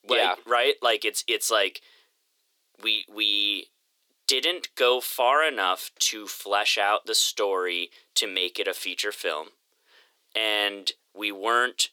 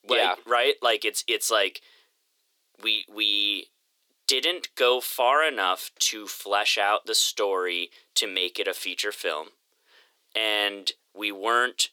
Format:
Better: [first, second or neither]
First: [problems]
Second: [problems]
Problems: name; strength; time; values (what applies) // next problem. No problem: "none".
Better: neither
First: thin; very; fading below 350 Hz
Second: thin; very; fading below 350 Hz